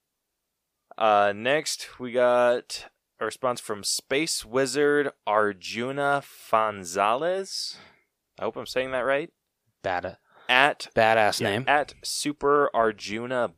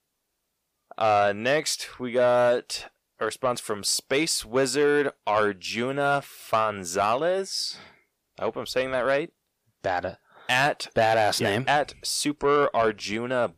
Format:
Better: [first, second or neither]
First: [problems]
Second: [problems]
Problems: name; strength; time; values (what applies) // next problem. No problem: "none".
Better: first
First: none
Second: distortion; slight; 10 dB below the speech